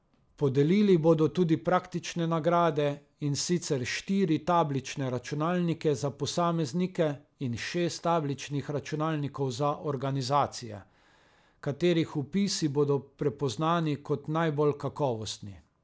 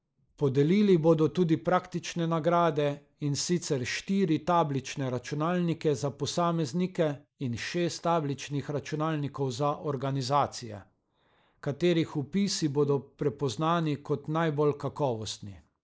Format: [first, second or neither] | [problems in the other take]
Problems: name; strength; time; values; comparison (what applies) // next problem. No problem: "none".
first | noise reduction (neural mask model Resemble Enhance denoiser)